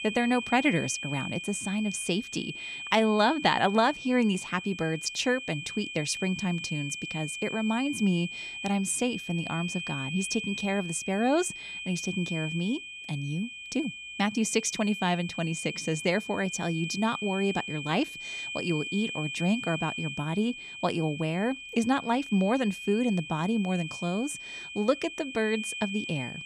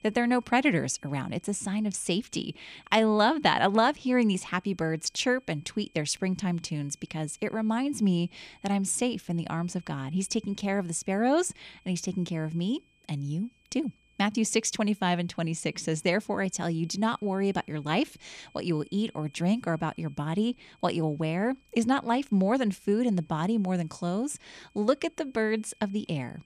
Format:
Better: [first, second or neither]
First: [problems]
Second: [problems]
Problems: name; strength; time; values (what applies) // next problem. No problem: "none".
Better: second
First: high-pitched whine; loud; throughout; 2.5 kHz, 7 dB below the speech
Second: high-pitched whine; faint; throughout; 2.5 kHz, 35 dB below the speech